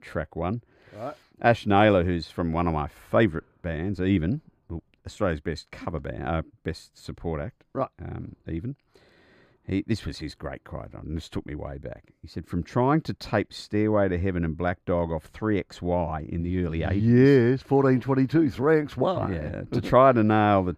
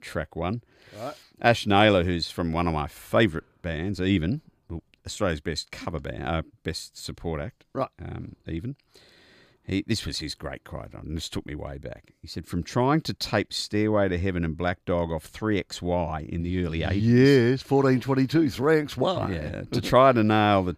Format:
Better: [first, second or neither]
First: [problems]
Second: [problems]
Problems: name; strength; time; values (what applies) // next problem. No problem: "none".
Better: second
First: muffled; slightly; fading above 2.5 kHz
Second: none